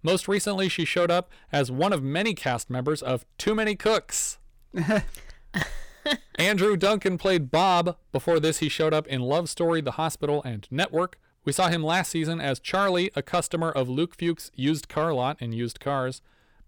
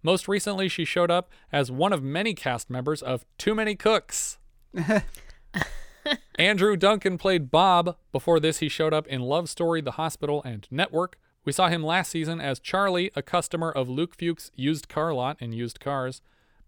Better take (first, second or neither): second